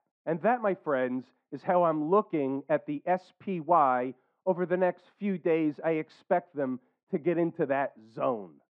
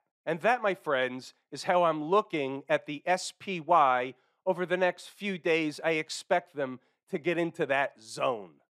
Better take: second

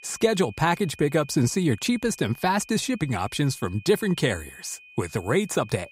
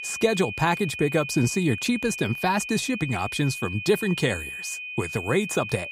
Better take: first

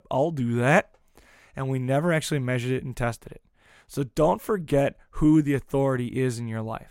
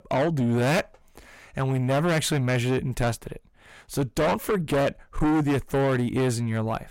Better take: first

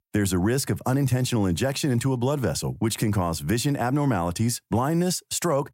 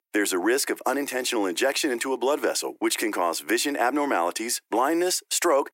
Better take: first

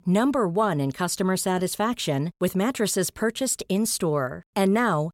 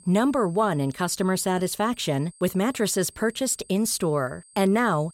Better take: first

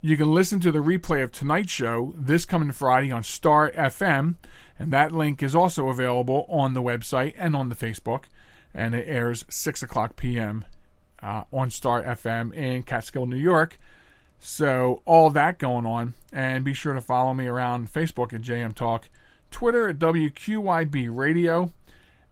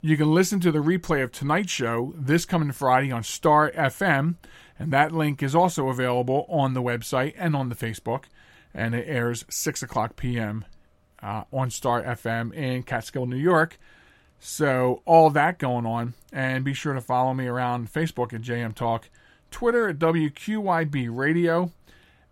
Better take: second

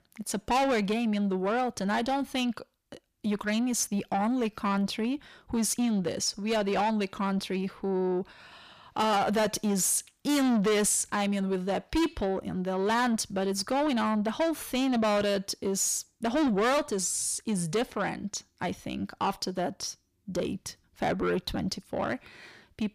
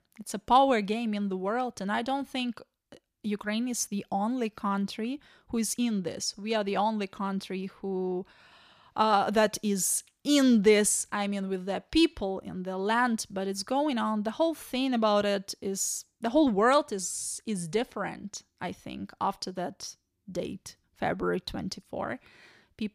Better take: second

